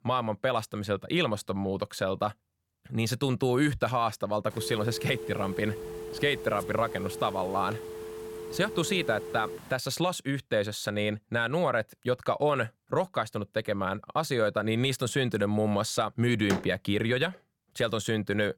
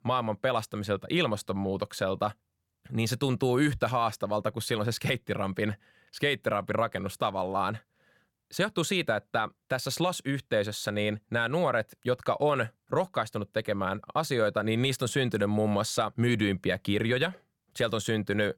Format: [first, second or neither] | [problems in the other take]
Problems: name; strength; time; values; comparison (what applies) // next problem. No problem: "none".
second | phone ringing; noticeable; from 4.5 to 9.5 s; peak 8 dB below the speech // door banging; noticeable; at 17 s; peak 6 dB below the speech